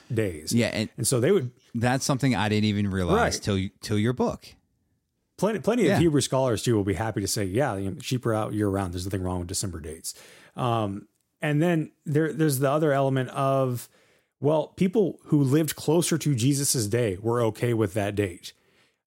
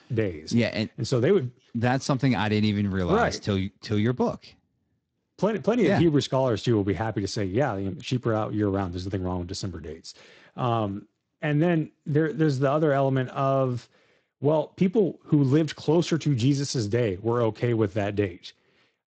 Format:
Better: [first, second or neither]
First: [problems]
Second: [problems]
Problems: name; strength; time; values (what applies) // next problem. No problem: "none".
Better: first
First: none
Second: garbled, watery; slightly; nothing above 8 kHz